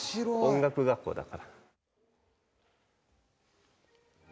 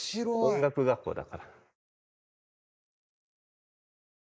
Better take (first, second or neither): first